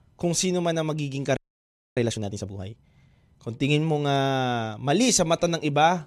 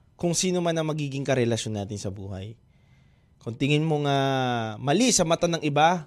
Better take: second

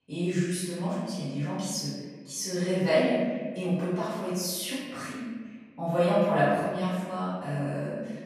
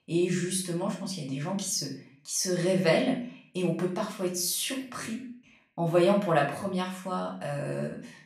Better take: second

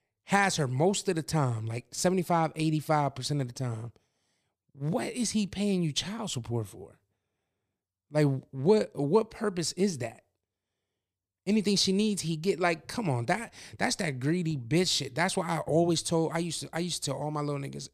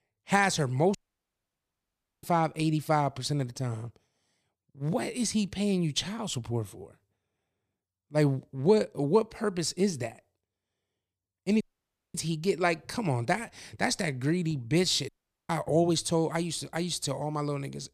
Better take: first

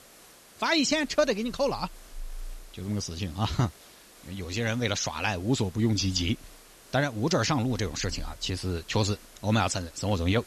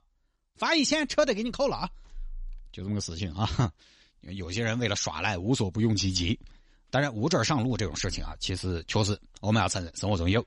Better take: second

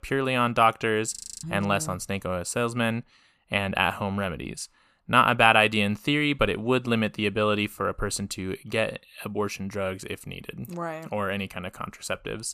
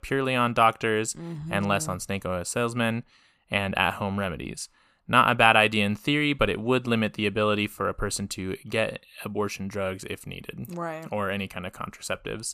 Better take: second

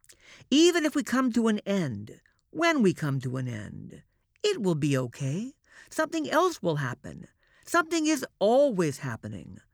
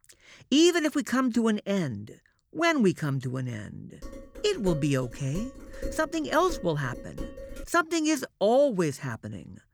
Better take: first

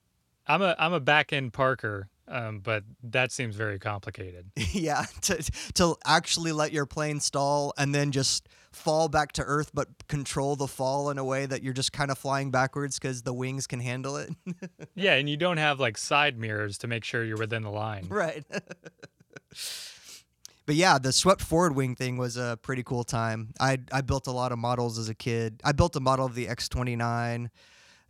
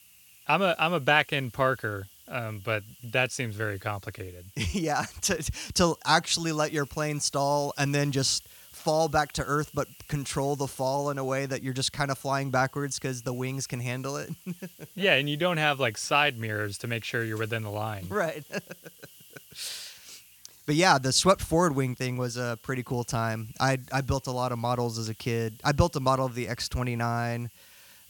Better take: first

